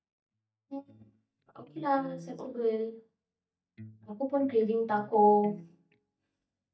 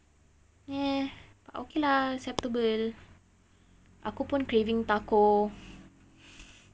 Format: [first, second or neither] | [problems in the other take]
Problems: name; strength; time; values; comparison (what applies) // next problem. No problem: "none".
second | noise reduction (neural mask model DeepFilterNet 3)